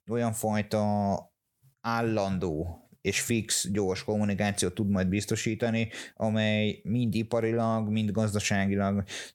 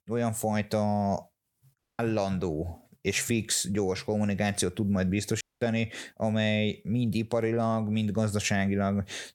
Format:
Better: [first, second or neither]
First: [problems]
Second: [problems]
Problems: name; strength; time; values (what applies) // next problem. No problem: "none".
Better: first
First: none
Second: audio cutting out; at 2 s and at 5.5 s